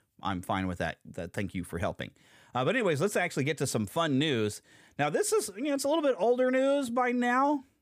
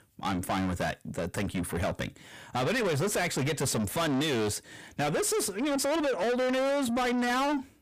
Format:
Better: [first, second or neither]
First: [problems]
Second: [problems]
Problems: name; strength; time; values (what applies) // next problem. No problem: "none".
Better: first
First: none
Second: distortion; heavy; 6 dB below the speech